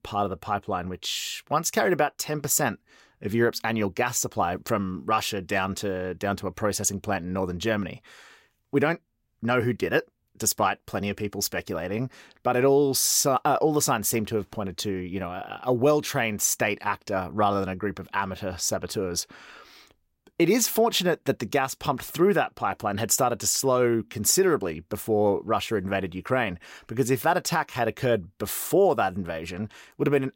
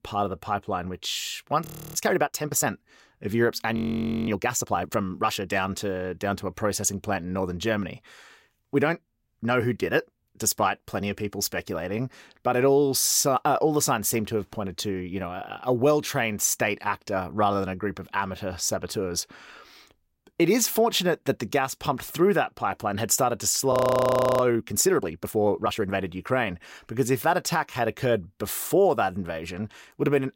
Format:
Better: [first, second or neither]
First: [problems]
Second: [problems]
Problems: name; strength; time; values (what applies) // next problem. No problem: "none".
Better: first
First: none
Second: audio freezing; at 1.5 s, at 4 s for 0.5 s and at 24 s for 0.5 s